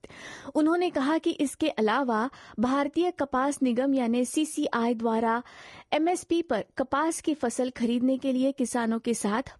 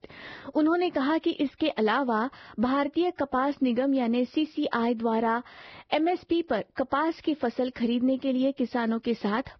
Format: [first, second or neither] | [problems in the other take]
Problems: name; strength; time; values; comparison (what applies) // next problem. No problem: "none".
first | garbled, watery; badly; nothing above 5.5 kHz; slightly in the first